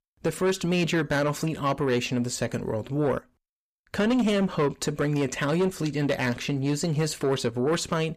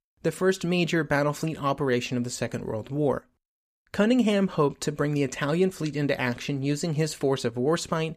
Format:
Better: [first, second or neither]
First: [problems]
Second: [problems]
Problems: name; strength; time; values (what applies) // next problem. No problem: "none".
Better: second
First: distortion; slight; 10 dB below the speech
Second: none